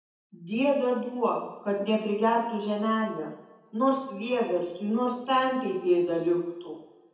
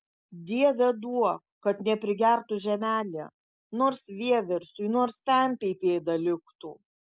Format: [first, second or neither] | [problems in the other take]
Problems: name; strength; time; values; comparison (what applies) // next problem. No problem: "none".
second | room echo; dies away in 0.9 s